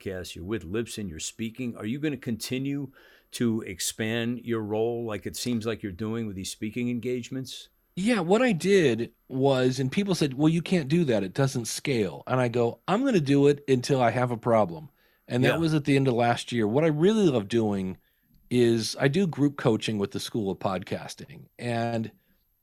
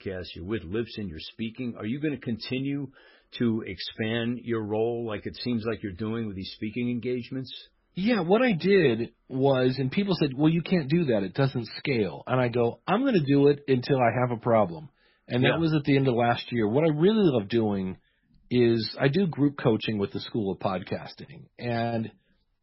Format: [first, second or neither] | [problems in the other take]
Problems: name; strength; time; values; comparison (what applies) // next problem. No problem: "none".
first | garbled, watery; badly; nothing above 5.5 kHz